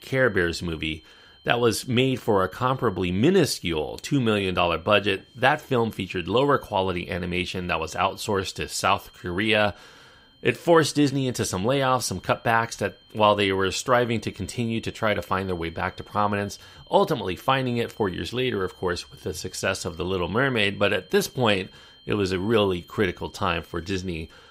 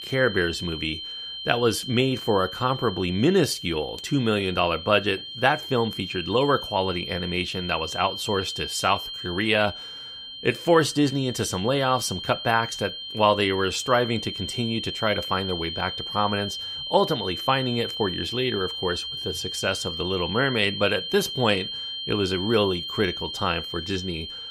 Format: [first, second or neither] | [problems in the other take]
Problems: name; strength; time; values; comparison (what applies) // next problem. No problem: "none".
first | high-pitched whine; loud; throughout; 3 kHz, 7 dB below the speech; faint in the first